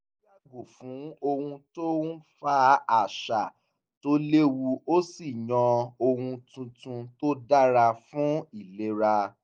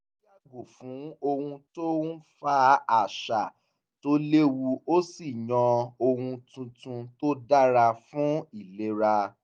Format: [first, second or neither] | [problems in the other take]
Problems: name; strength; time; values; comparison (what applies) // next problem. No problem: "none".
second | noise reduction (neural mask model Resemble Enhance denoiser)